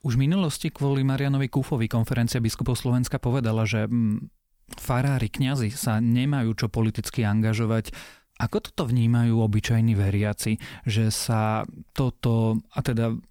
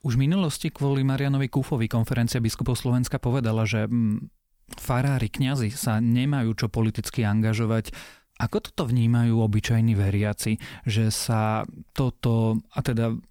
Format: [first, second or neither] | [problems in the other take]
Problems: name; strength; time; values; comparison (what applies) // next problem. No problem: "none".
neither | none